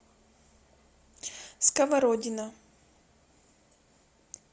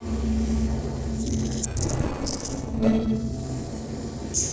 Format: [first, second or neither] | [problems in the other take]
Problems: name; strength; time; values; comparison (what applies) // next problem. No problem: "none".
first | noise reduction (neural separator model SepFormer DNS4)